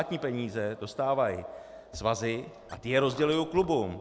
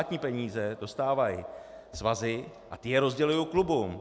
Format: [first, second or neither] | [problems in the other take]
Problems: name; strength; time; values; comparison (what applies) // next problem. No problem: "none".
second | background sound (Car); 19 dB below the speech